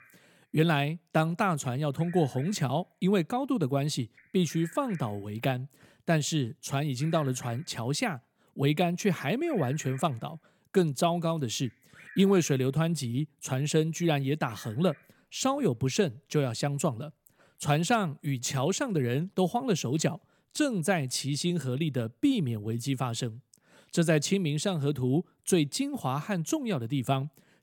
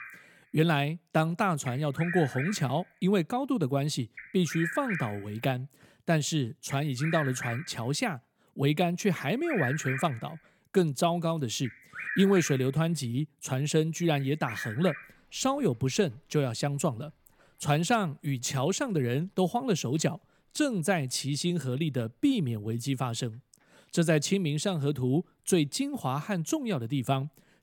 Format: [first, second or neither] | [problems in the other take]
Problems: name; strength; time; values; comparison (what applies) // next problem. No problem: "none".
first | animal sounds; loud; throughout; 9 dB below the speech; faint in the first